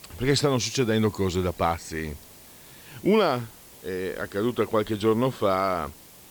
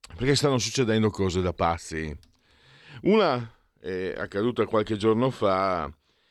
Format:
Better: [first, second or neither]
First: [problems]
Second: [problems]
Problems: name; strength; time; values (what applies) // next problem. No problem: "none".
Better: second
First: hiss; faint; throughout; 20 dB below the speech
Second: none